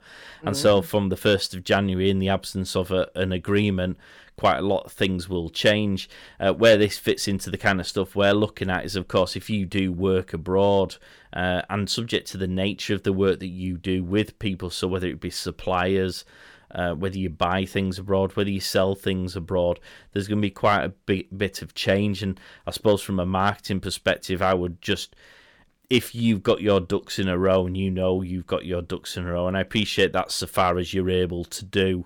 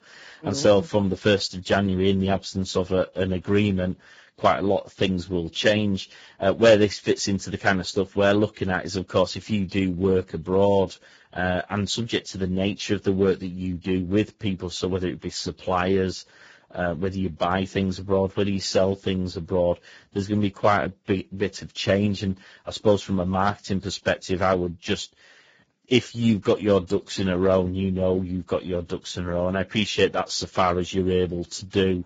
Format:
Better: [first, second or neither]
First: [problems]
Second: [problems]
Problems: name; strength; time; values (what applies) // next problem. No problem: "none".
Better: first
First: none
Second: garbled, watery; badly; nothing above 7.5 kHz